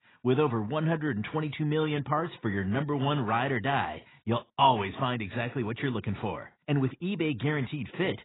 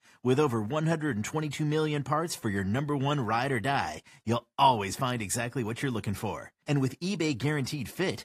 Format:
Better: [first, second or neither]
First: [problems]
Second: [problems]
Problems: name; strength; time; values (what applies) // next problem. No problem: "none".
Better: second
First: garbled, watery; badly; nothing above 3.5 kHz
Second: garbled, watery; slightly; nothing above 14.5 kHz